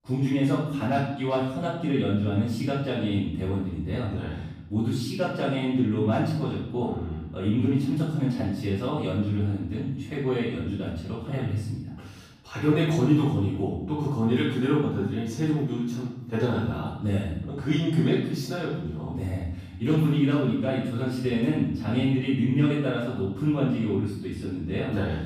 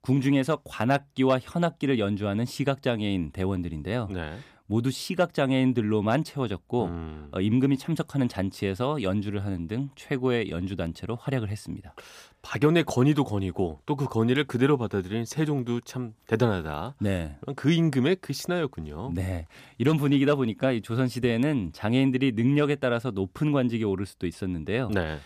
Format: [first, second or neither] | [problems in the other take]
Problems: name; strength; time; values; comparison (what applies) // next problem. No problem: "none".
second | off-mic speech; far // room echo; noticeable; dies away in 0.9 s